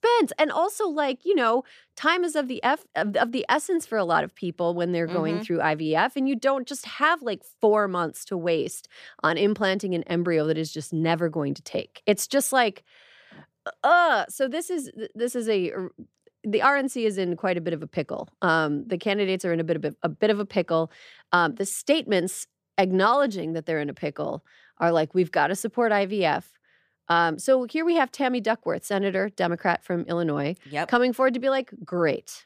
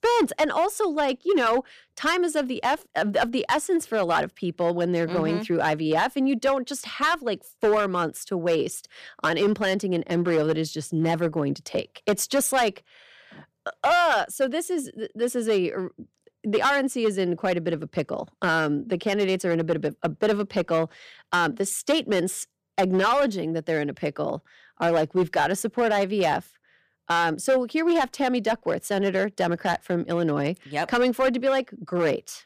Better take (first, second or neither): first